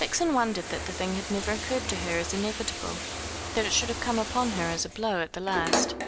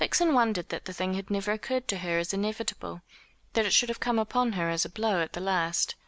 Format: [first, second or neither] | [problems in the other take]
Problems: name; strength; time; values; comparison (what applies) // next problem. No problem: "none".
second | background sound (Bathtub (filling or washing)); 4 dB below the speech